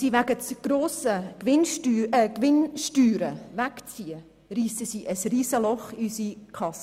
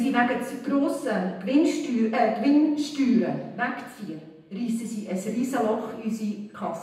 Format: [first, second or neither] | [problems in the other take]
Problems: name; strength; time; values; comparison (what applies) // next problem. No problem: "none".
first | room echo; dies away in 0.9 s